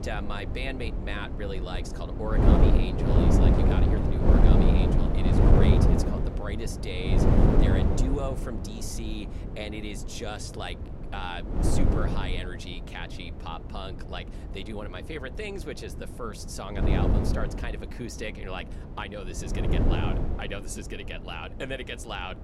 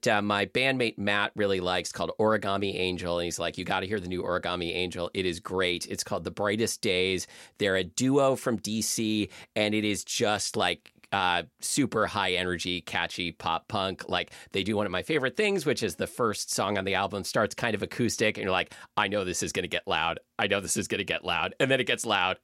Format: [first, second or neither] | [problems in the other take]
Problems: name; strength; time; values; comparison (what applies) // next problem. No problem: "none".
second | wind noise on the microphone; heavy; 4 dB above the speech